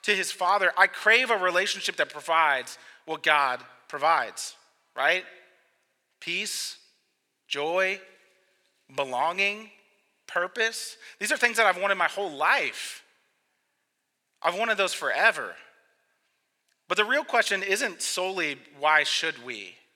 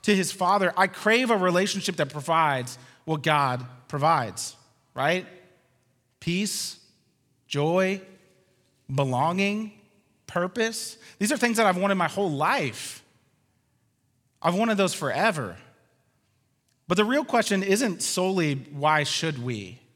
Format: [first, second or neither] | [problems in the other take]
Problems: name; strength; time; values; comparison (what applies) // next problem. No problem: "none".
second | thin; very; fading below 500 Hz